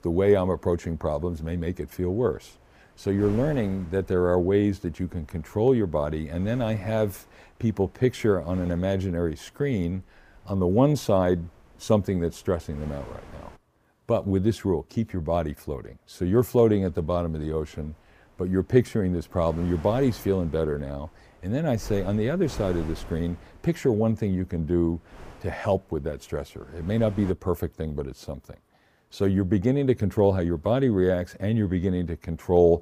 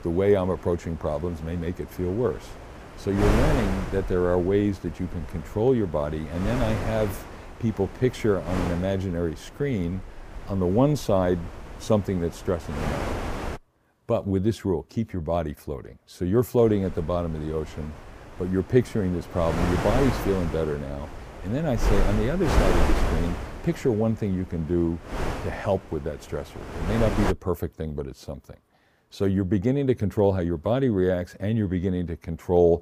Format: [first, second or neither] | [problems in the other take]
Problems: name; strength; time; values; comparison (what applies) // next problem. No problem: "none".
first | wind noise on the microphone; heavy; until 14 s and from 17 to 27 s; 5 dB below the speech; occasional gusts in the first